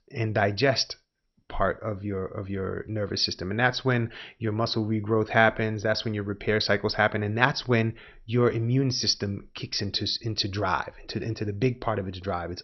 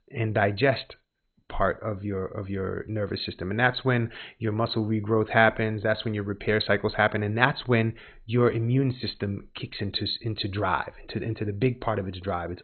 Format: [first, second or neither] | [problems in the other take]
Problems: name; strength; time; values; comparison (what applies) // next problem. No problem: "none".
first | garbled, watery; badly; nothing above 4 kHz; slightly in the first